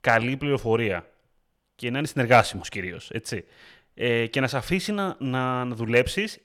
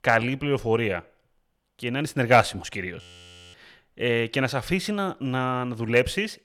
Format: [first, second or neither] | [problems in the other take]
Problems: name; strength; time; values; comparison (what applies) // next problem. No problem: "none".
first | audio freezing; at 3 s for 0.5 s